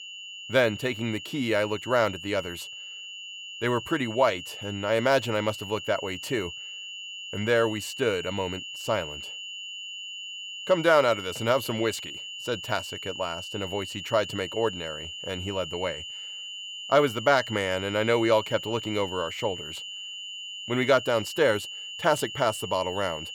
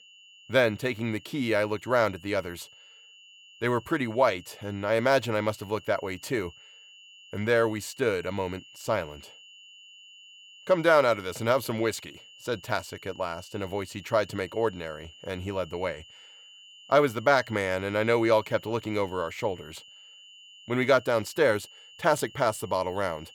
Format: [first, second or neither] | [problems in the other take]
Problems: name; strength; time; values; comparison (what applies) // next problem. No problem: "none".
second | high-pitched whine; loud; throughout; 3 kHz, 9 dB below the speech; faint in the second